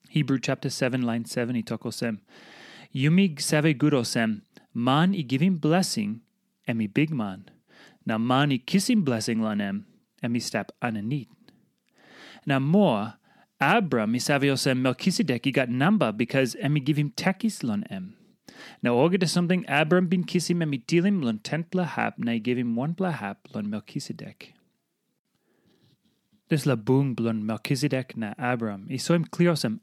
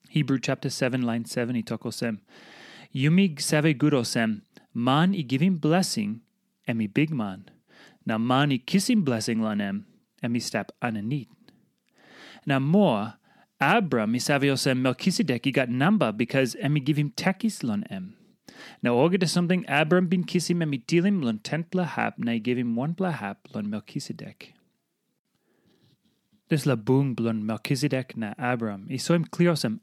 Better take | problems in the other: neither | none

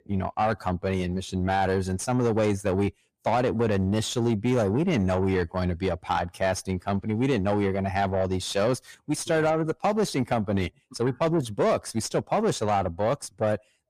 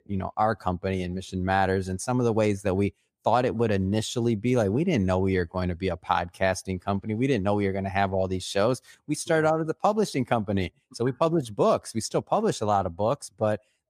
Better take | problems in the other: second | distortion; slight; 10 dB below the speech

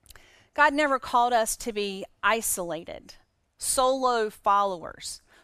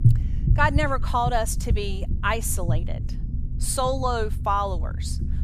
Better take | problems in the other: first | low rumble; noticeable; throughout; 15 dB below the speech

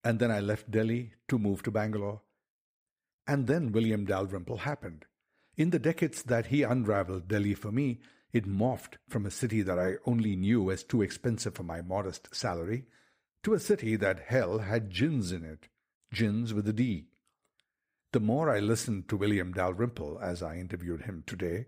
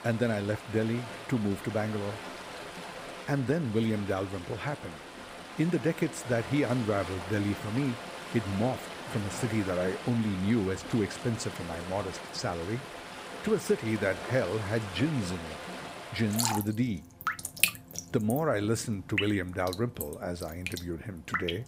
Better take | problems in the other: first | rain or running water; loud; throughout; 7 dB below the speech

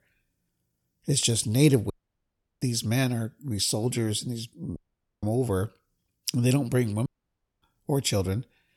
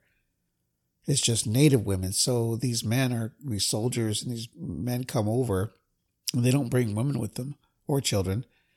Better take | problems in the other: second | audio cutting out; at 2 s for 0.5 s, at 5 s and at 7 s for 0.5 s

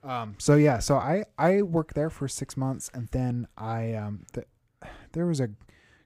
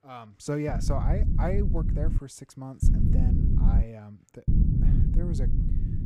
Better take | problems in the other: first | low rumble; loud; from 0.5 to 2 s, at 3 s and from 4.5 s on; 3 dB below the speech

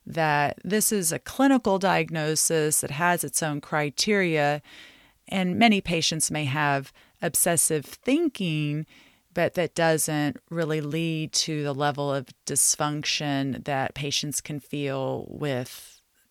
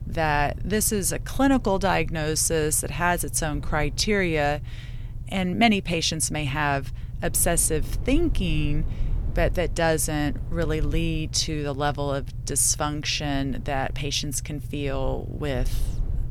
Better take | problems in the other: first | low rumble; faint; throughout; 25 dB below the speech

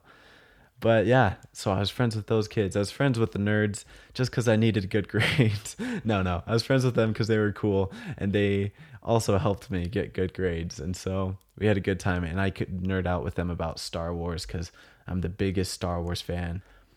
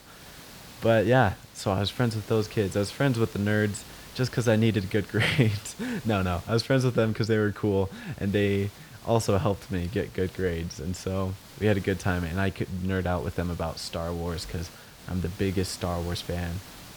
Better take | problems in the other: first | hiss; noticeable; throughout; 20 dB below the speech

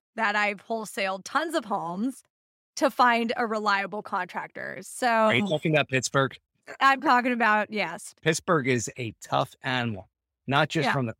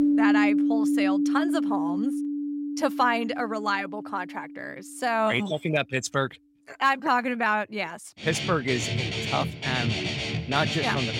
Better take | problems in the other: first | background music; very loud; throughout; as loud as the speech

